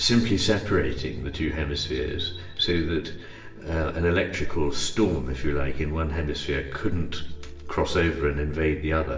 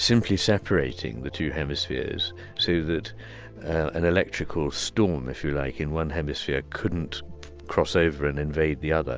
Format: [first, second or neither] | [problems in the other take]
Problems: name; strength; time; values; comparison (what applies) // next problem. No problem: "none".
second | room echo; dies away in 0.9 s